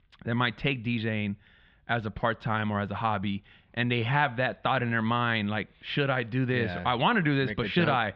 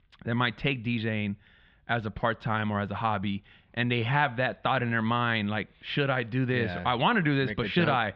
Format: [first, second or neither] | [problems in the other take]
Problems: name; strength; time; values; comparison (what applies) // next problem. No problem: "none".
neither | muffled; slightly; fading above 3.5 kHz; the same in both